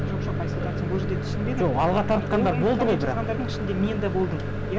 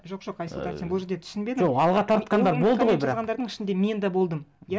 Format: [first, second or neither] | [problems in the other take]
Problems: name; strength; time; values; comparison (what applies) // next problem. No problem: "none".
second | background sound (Microwave oven); 2 dB below the speech